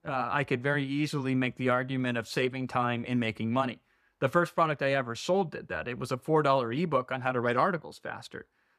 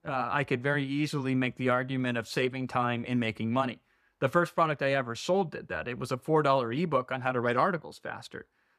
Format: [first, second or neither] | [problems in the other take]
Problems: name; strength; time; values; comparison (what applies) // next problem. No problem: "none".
neither | none